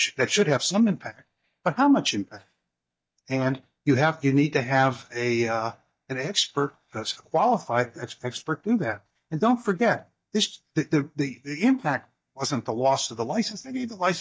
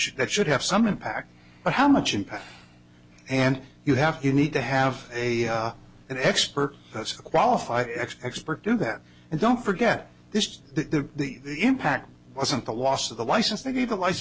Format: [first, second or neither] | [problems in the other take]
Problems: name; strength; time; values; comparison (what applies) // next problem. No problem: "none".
second | noise reduction (neural mask model DeepFilterNet 3)